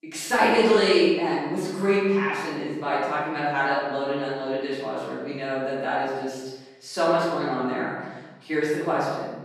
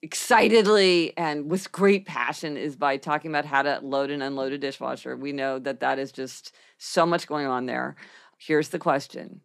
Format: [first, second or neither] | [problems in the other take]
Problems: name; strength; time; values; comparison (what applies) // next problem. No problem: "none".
second | off-mic speech; far // room echo; strong; dies away in 1.1 s